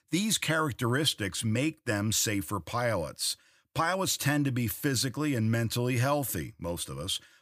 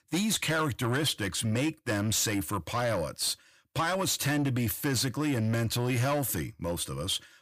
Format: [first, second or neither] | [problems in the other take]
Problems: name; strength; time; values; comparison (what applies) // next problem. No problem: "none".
first | distortion; slight; 10 dB below the speech